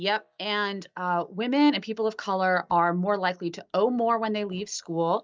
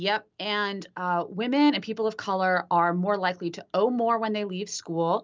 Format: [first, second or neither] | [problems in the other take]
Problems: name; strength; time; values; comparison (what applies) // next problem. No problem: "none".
second | noise reduction (neural mask model DeepFilterNet 3)